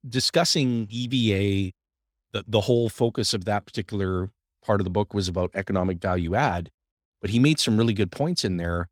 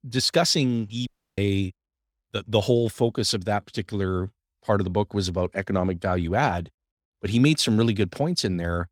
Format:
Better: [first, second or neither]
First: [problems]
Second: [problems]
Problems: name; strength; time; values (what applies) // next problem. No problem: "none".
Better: first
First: none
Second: audio cutting out; at 1 s